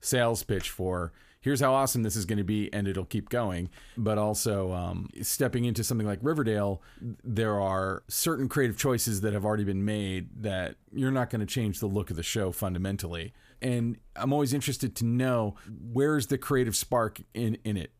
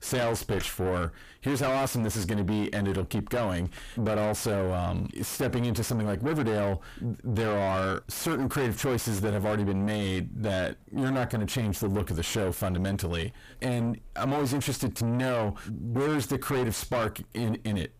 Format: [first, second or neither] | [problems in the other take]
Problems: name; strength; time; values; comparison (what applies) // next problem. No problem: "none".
first | distortion; heavy; 5 dB below the speech